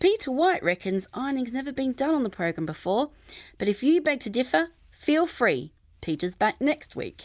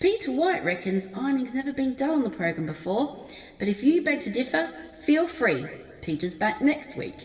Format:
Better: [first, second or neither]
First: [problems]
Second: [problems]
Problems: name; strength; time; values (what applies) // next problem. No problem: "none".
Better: first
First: none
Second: room echo; dies away in 2.5 s